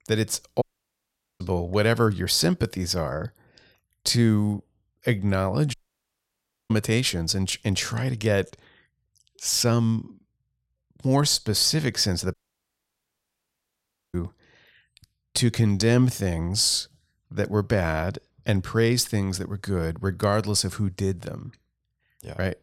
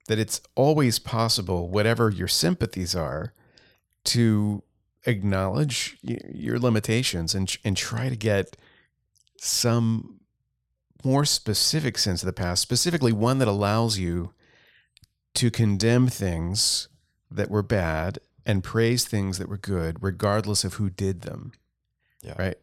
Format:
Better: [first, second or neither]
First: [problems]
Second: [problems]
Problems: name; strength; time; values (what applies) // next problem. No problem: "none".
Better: second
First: audio cutting out; at 0.5 s for 1 s, at 5.5 s for 1 s and at 12 s for 2 s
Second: none